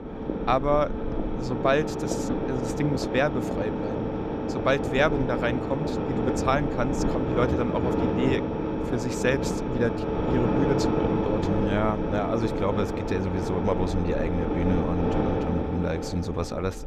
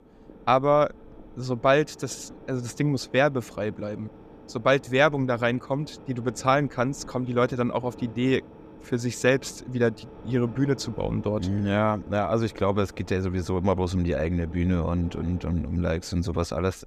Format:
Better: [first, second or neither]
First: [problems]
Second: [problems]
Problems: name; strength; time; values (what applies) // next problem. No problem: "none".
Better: second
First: low rumble; loud; throughout; 1 dB below the speech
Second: low rumble; faint; throughout; 20 dB below the speech